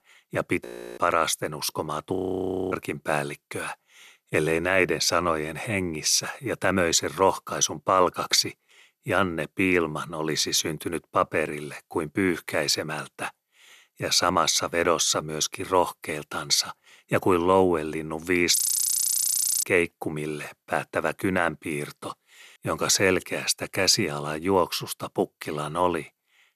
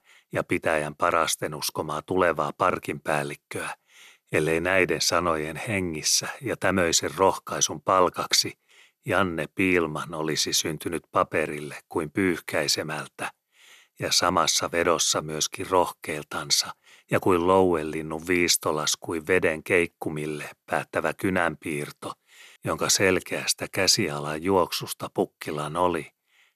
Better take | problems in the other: second | audio freezing; at 0.5 s, at 2 s for 0.5 s and at 19 s for 1 s

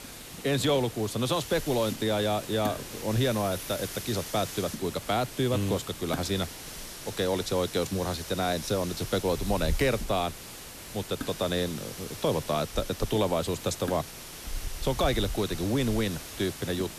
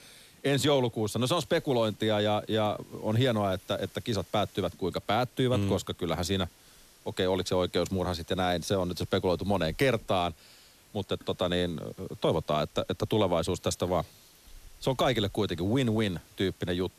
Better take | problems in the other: second | hiss; loud; throughout; 9 dB below the speech; faint in the second

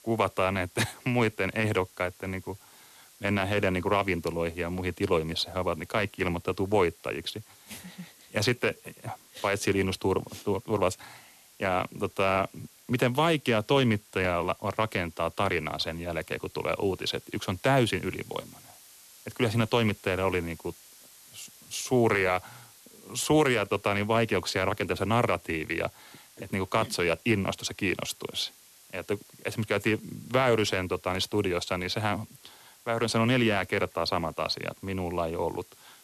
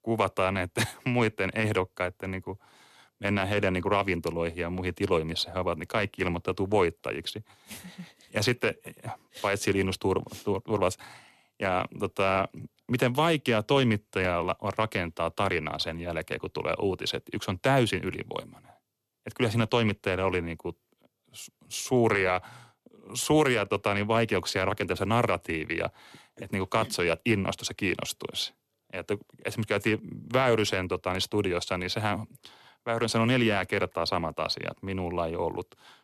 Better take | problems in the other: second | hiss; faint; throughout; 25 dB below the speech

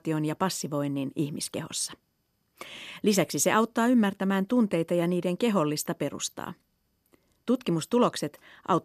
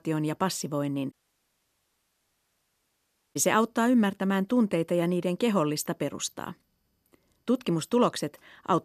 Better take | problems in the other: first | audio cutting out; at 1 s for 2 s

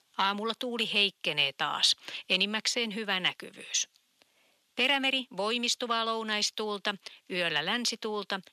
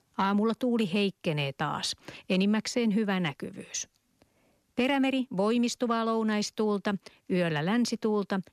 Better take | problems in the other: second | thin; somewhat; fading below 1 kHz

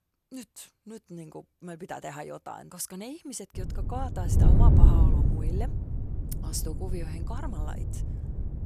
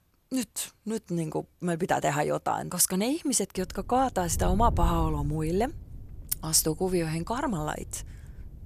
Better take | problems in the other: second | wind noise on the microphone; heavy; from 3.5 s on; as loud as the speech; occasional gusts in the second

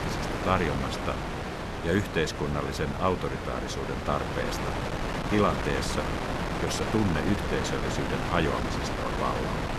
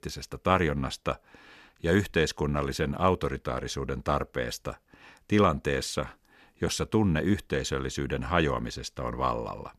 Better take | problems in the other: second | wind noise on the microphone; heavy; 2 dB below the speech

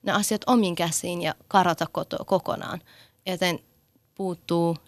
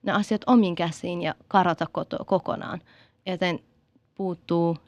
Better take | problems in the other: first | muffled; slightly; fading above 3 kHz

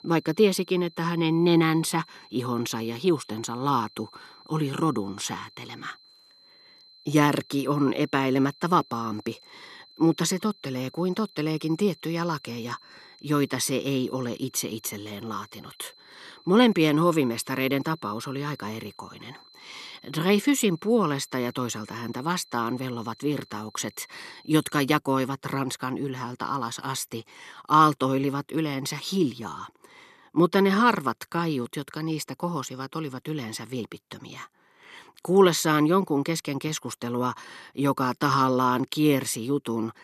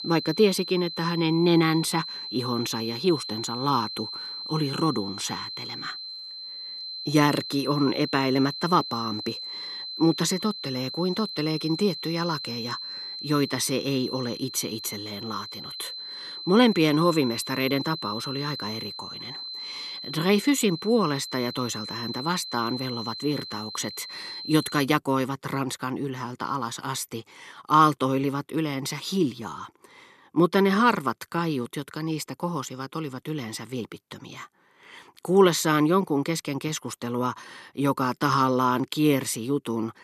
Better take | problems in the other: first | high-pitched whine; loud; until 25 s; 4 kHz, 8 dB below the speech; faint in the first

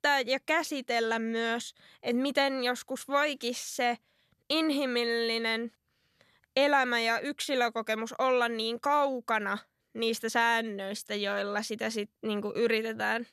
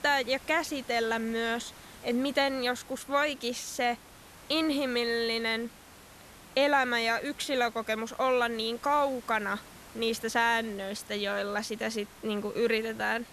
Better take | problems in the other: first | hiss; faint; throughout; 20 dB below the speech

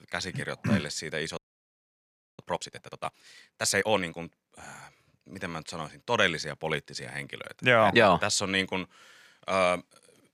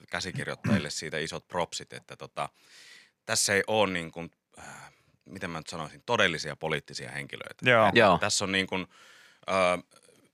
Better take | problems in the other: second | audio freezing; at 1.5 s for 1 s

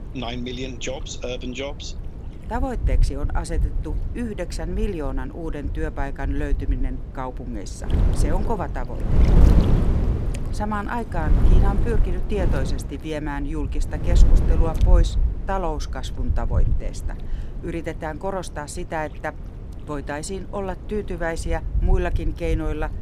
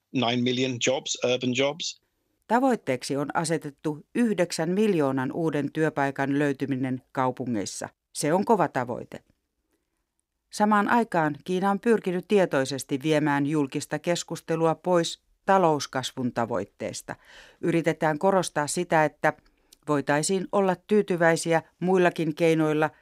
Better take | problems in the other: second | wind noise on the microphone; heavy; 8 dB below the speech

